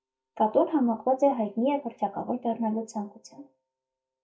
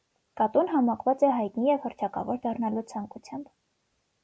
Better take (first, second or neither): second